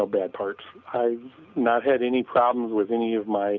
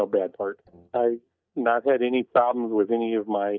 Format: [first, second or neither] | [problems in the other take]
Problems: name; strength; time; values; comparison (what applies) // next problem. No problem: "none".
first | noise reduction (neural mask model DeepFilterNet 3)